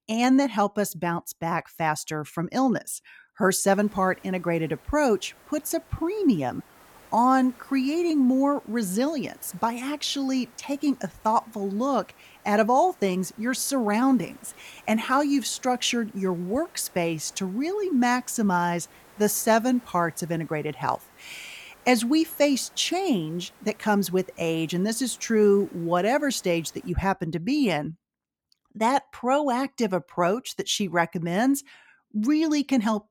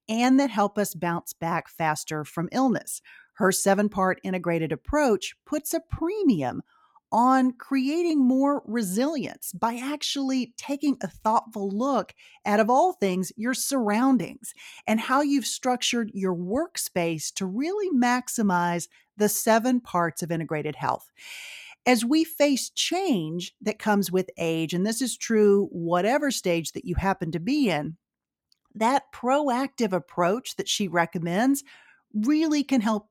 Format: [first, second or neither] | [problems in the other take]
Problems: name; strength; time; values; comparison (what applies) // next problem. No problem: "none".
second | hiss; faint; from 3.5 to 27 s; 30 dB below the speech